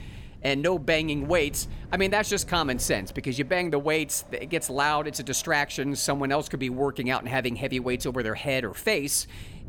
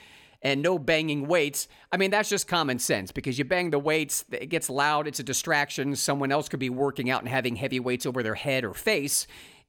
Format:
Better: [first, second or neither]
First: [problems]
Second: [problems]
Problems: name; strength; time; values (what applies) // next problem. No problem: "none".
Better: second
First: wind noise on the microphone; occasional gusts; 25 dB below the speech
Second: none